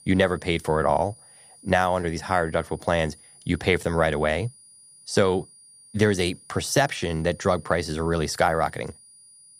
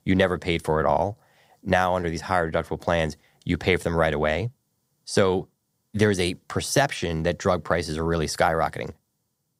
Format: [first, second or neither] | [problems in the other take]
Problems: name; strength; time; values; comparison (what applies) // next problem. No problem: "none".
second | high-pitched whine; faint; throughout; 9.5 kHz, 25 dB below the speech